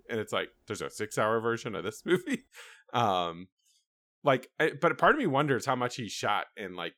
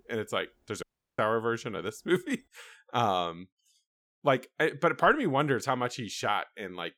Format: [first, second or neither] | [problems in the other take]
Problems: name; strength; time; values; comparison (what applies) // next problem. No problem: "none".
first | audio cutting out; at 1 s